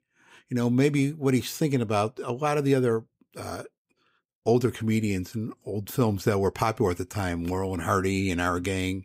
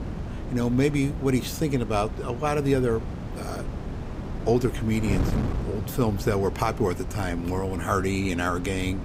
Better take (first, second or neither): first